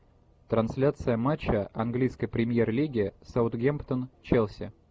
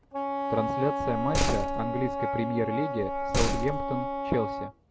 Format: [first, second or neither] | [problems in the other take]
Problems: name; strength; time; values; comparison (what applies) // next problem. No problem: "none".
first | background sound (Slam + Wind instrument, woodwind instrument); 2 dB above the speech